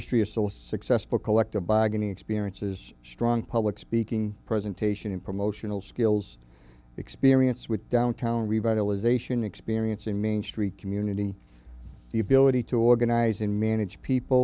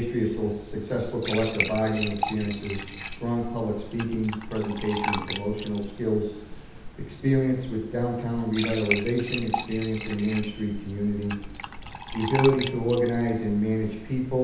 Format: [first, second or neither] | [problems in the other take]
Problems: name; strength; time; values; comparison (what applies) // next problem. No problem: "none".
first | background sound (Fill (with liquid) / Trickle, dribble / Glass); 8 dB below the speech // room echo; dies away in 0.9 s